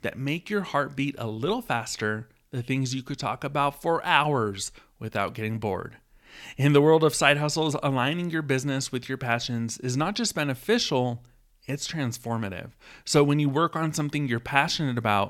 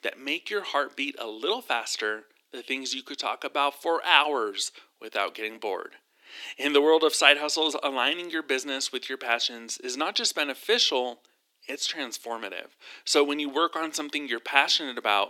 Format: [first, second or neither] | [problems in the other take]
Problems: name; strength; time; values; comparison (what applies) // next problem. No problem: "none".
first | thin; somewhat; fading below 300 Hz